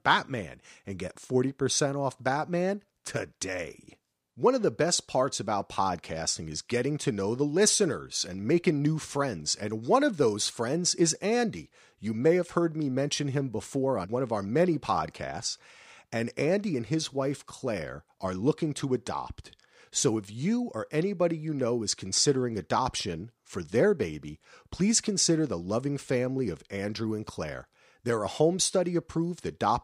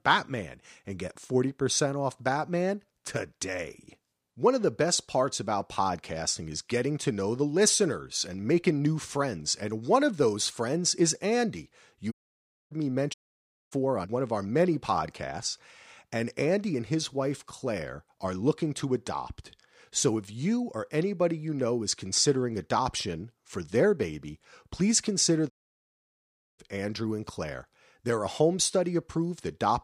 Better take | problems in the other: first | audio cutting out; at 12 s for 0.5 s, at 13 s for 0.5 s and at 26 s for 1 s

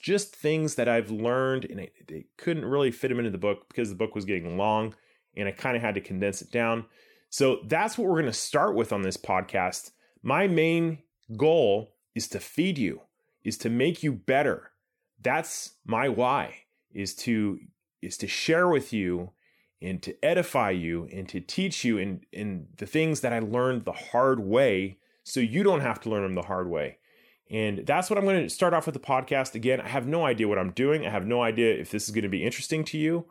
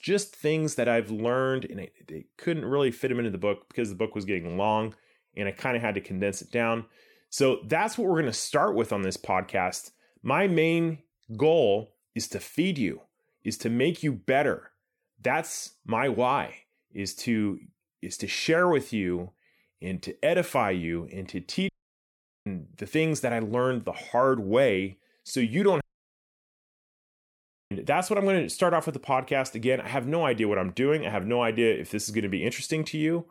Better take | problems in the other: first | audio cutting out; at 22 s for 1 s and at 26 s for 2 s

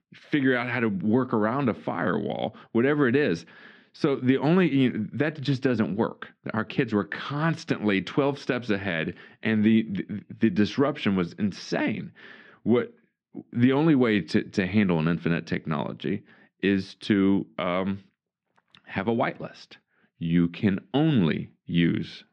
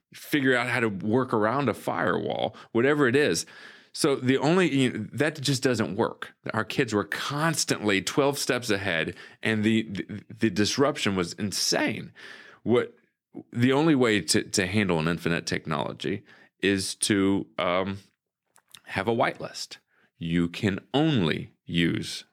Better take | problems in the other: second | muffled; slightly; fading above 3.5 kHz

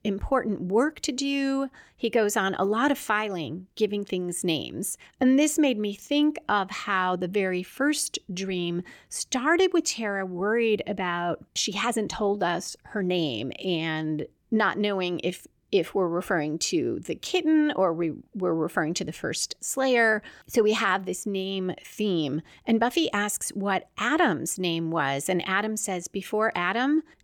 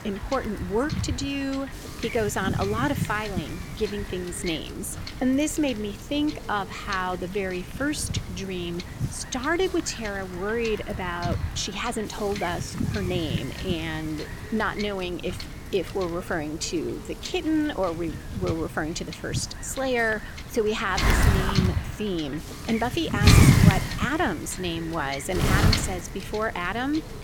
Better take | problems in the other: first | wind noise on the microphone; heavy; 4 dB below the speech

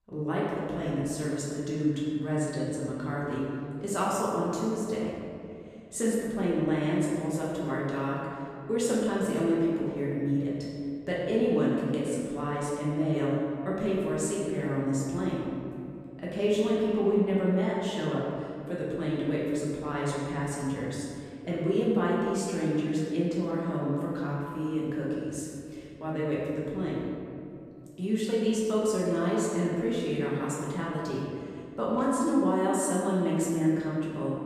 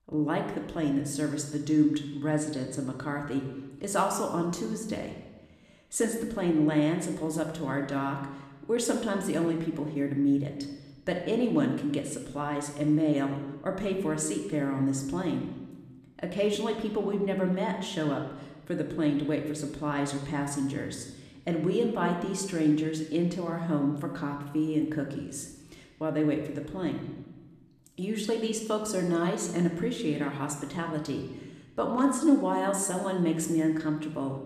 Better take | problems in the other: second | room echo; strong; dies away in 2.4 s; slight in the second // off-mic speech; far; somewhat distant in the second

